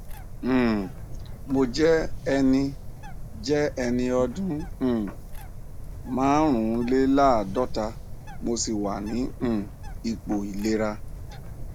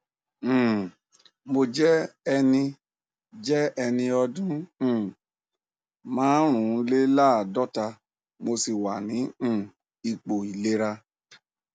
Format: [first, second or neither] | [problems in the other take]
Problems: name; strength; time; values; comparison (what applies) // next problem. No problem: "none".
second | background sound (Bird); 9 dB below the speech